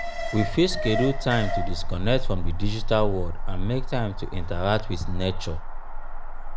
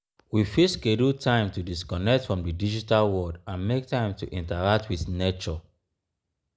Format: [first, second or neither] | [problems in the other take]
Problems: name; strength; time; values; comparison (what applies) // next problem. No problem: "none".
second | background sound (Alarm); 1 dB above the speech